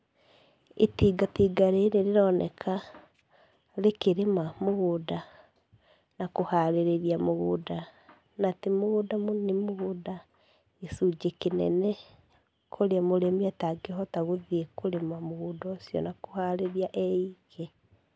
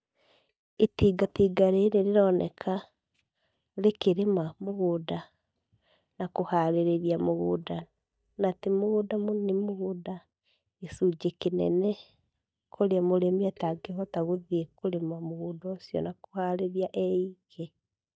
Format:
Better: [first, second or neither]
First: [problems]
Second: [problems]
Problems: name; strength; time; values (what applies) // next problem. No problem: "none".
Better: first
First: none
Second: noise reduction (neural mask model DeepFilterNet 3)